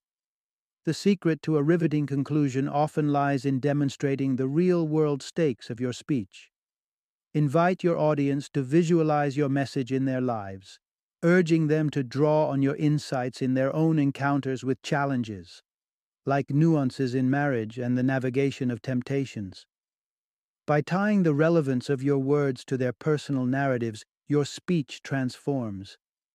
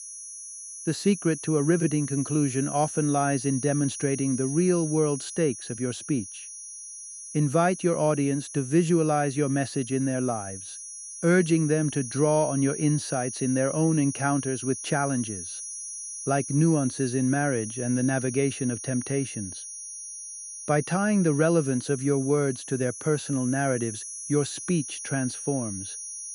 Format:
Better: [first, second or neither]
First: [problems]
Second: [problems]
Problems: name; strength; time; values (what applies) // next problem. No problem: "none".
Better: first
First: none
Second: high-pitched whine; loud; throughout; 9.5 kHz, 9 dB below the speech